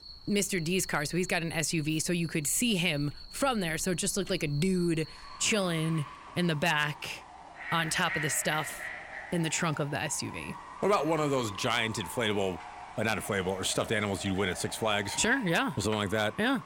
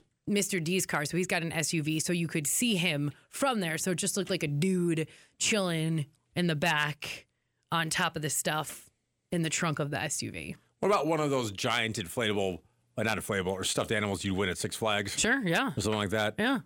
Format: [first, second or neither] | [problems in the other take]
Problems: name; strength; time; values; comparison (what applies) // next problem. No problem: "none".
second | animal sounds; noticeable; throughout; 15 dB below the speech